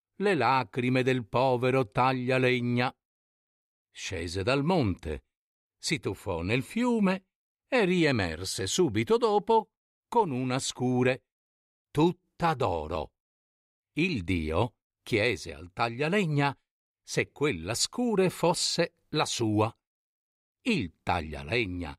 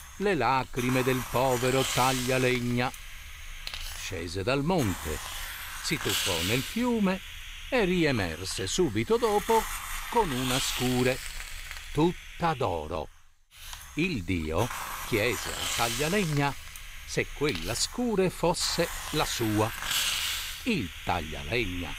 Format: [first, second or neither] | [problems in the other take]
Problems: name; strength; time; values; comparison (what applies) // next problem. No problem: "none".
first | hiss; loud; throughout; 5 dB below the speech